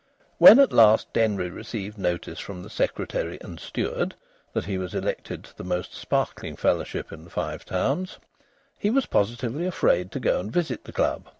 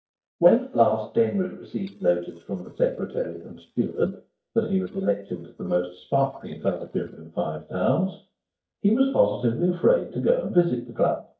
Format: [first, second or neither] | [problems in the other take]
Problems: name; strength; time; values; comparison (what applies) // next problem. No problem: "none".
first | noise reduction (neural mask model DeepFilterNet 3)